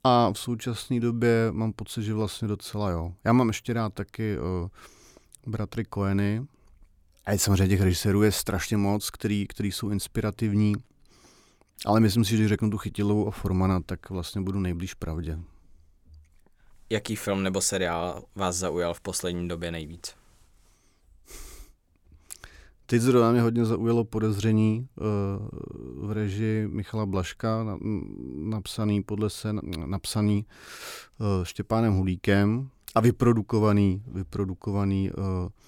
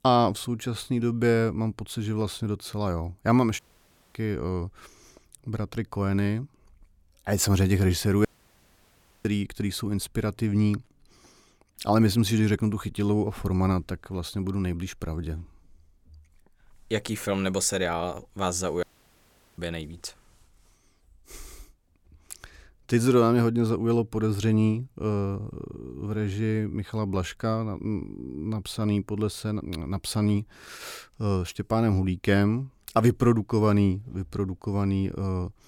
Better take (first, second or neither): first